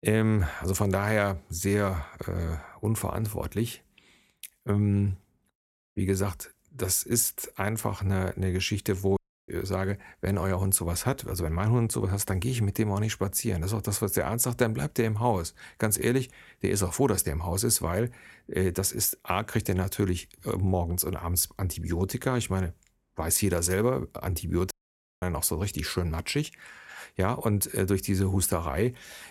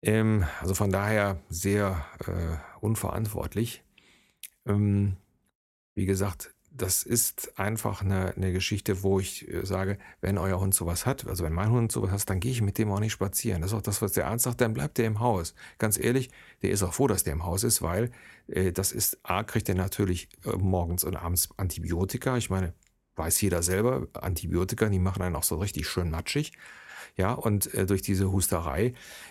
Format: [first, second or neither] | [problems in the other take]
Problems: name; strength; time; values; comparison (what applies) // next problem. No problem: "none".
second | audio cutting out; at 9 s and at 25 s for 0.5 s